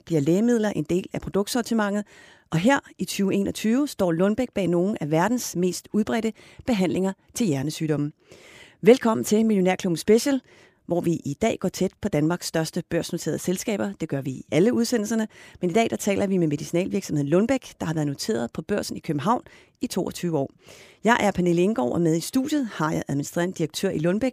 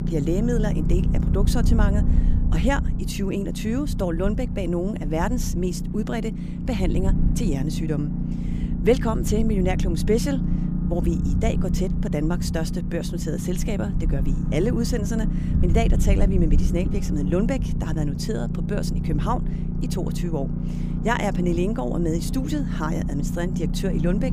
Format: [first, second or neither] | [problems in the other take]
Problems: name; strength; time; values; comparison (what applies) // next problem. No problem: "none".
first | low rumble; loud; throughout; 6 dB below the speech